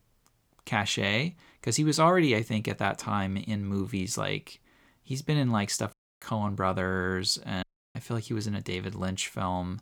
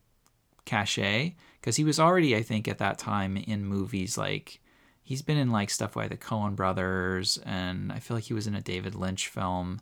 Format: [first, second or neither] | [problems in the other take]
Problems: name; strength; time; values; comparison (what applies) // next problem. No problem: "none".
second | audio cutting out; at 6 s and at 7.5 s